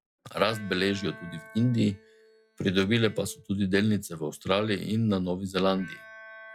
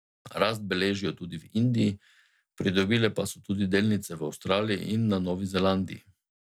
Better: second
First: noise reduction (classical method log-MMSE)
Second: none

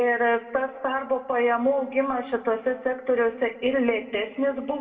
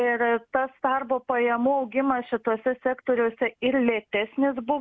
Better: second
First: room echo; dies away in 1.4 s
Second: none

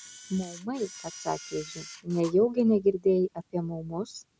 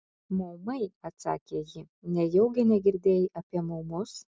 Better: second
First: background sound (Camera); 19 dB below the speech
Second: none

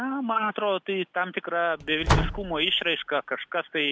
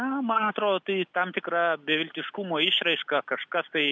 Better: second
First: background sound (Slam); 2 dB below the speech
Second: none

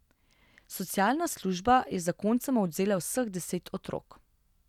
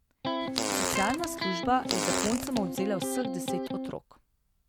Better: first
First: none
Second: background sound (Electric guitar + Fart); 2 dB above the speech

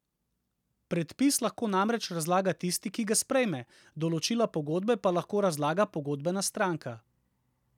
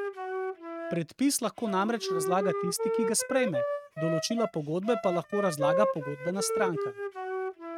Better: first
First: none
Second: noise reduction (neural mask model RNNoise)

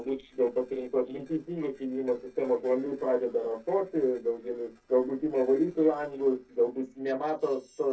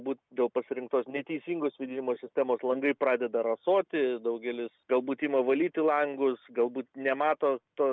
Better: second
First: noise reduction (neural separator model SepFormer DNS4)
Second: none

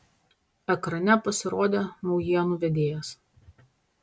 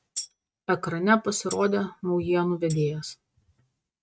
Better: first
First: none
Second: noise reduction (neural mask model RNNoise)

